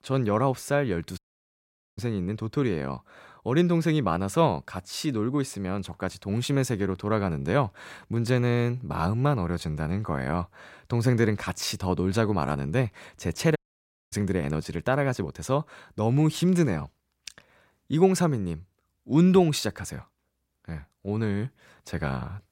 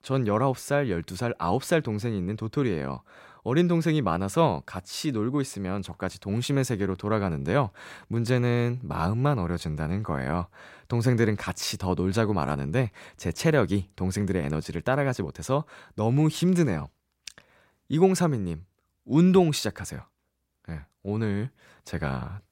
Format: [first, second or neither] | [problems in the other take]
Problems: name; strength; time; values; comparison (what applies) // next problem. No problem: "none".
second | audio cutting out; at 1 s for 1 s and at 14 s for 0.5 s